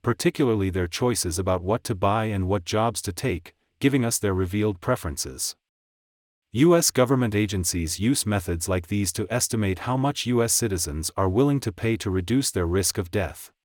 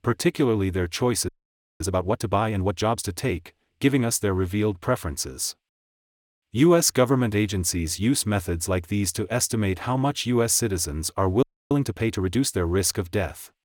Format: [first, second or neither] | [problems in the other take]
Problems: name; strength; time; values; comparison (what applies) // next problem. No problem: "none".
first | audio freezing; at 1.5 s for 0.5 s and at 11 s